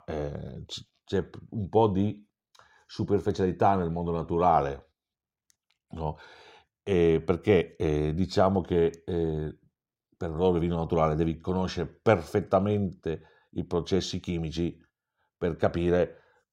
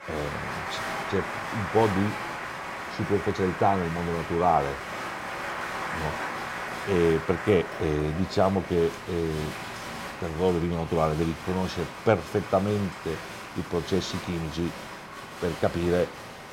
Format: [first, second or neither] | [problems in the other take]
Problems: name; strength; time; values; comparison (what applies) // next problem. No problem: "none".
first | crowd noise; loud; throughout; 7 dB below the speech